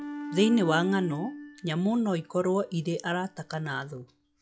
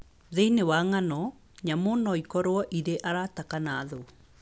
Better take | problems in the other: second | noise reduction (classical method log-MMSE)

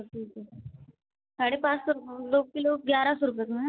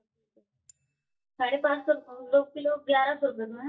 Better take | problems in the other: first | noise reduction (neural mask model DeepFilterNet 3)

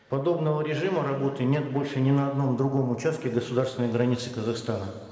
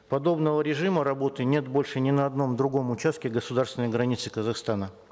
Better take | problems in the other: second | room echo; dies away in 2.1 s

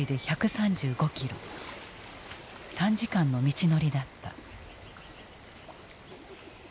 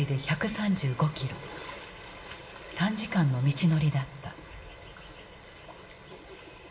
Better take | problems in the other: first | room echo; dies away in 0.7 s

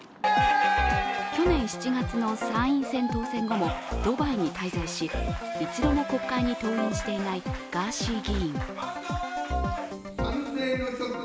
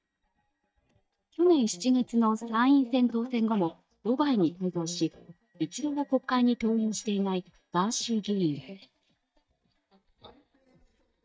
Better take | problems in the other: first | noise reduction (neural mask model DeepFilterNet 3)

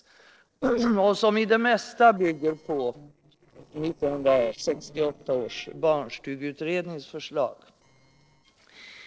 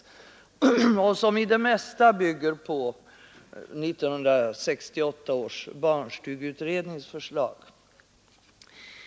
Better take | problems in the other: second | noise reduction (neural separator model SepFormer DNS4)

